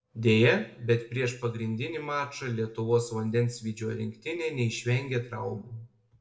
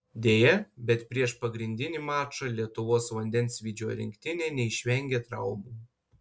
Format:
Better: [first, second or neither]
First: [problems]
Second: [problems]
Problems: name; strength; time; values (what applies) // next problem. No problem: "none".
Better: second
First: room echo; dies away in 0.5 s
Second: none